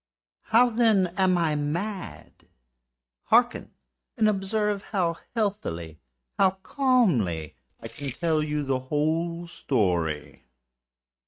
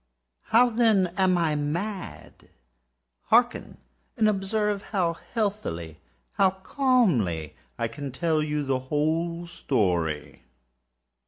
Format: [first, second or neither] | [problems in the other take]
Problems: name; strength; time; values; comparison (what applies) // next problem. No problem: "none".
second | noise reduction (neural mask model RNNoise)